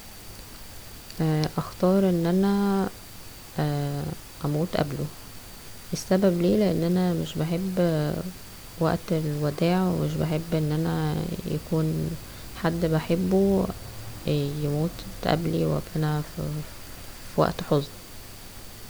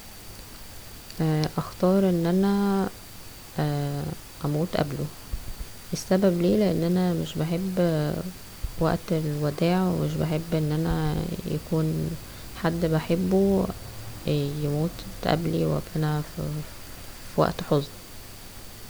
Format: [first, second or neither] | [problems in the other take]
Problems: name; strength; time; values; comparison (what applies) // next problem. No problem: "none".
first | background sound (Run); 8 dB below the speech